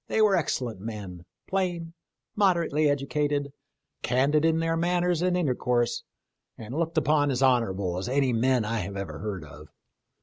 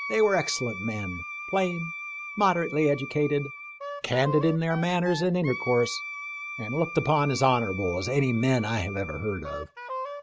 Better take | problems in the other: first | background sound (Wind instrument, woodwind instrument); 10 dB below the speech

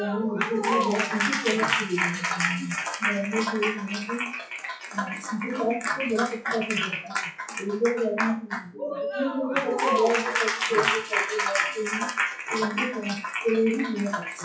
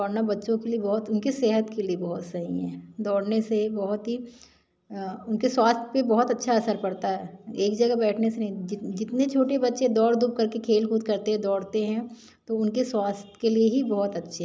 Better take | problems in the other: second | noise reduction (classical method WPE with log-MMSE)

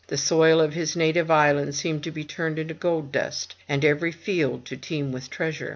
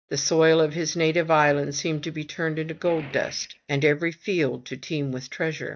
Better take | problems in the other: first | noise reduction (neural mask model DeepFilterNet 3)

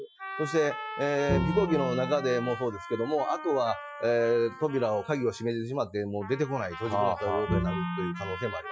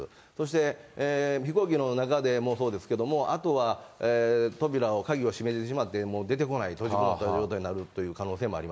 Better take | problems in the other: second | noise reduction (classical method Wiener filter)

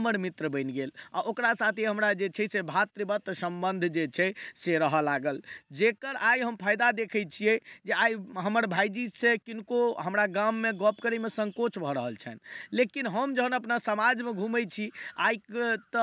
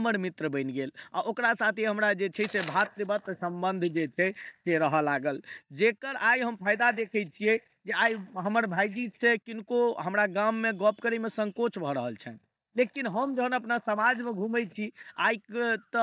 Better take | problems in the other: first | noise reduction (neural mask model DeepFilterNet 3)

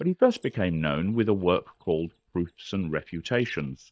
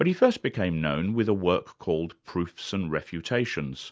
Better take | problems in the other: second | noise reduction (neural mask model DeepFilterNet 3)

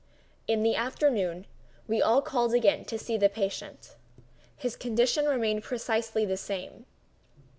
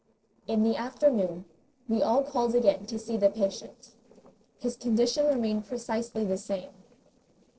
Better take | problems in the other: first | noise reduction (neural separator model SepFormer DNS4)

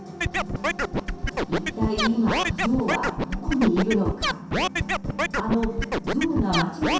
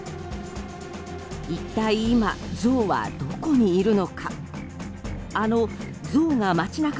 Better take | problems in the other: second | background sound (Scratching (performance technique)); as loud as the speech // room echo; dies away in 0.7 s

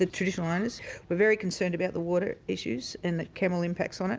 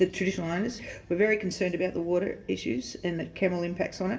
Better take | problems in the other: first | room echo; dies away in 0.8 s

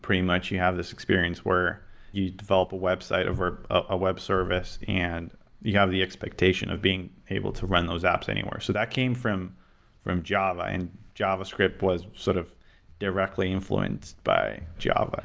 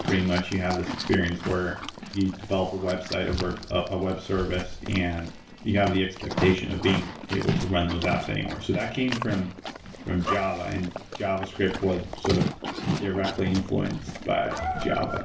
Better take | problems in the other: first | background sound (Livestock, farm animals, working animals); 6 dB below the speech // room echo; dies away in 0.3 s

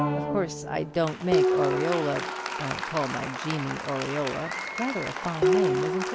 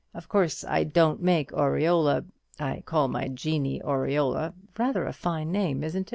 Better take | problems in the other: second | background sound (Dishes, pots, and pans + Applause); 2 dB above the speech

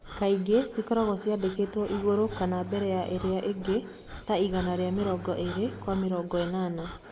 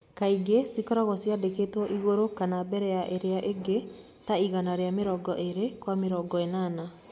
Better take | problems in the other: second | background sound (Engine starting + Breathing); 14 dB below the speech

